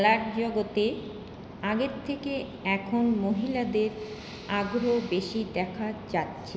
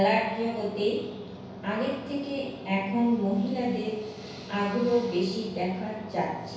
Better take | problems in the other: first | room echo; dies away in 0.7 s

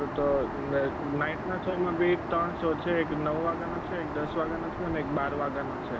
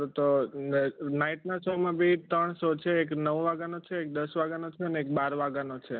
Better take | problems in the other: second | background sound (Aircraft); 5 dB below the speech

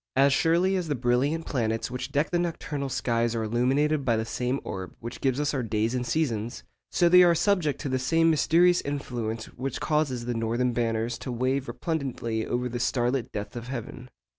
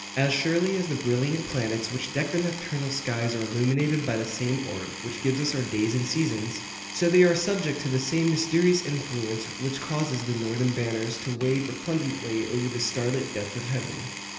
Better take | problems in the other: first | background sound (Power tool); 11 dB below the speech // room echo; dies away in 0.8 s

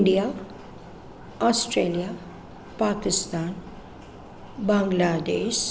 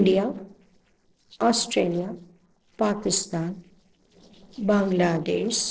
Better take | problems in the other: first | noise reduction (neural separator model SepFormer DNS4)

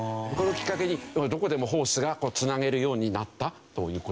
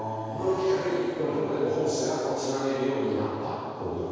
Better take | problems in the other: first | room echo; dies away in 2.2 s

